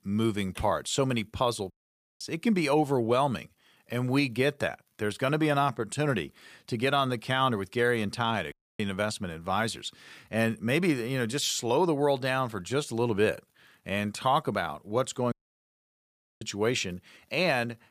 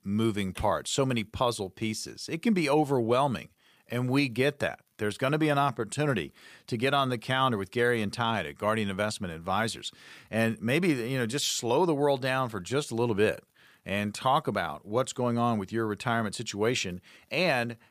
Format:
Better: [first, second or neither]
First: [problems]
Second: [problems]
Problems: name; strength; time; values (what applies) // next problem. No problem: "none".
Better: second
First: audio cutting out; at 1.5 s for 0.5 s, at 8.5 s and at 15 s for 1 s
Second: none